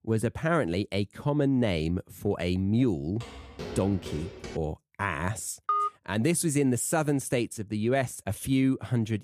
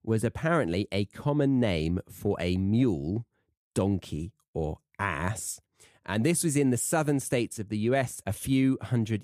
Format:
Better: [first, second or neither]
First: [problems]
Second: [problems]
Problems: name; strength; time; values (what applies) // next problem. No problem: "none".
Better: second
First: footsteps; faint; from 3 to 4.5 s; peak 10 dB below the speech // phone ringing; loud; at 5.5 s; peak level with the speech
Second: none